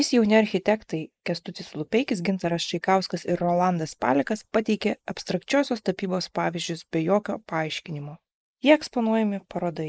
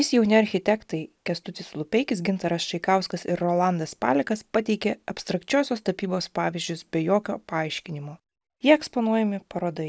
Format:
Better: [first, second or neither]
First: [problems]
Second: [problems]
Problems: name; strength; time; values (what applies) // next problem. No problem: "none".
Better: second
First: noise reduction (neural mask model Resemble Enhance denoiser)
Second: none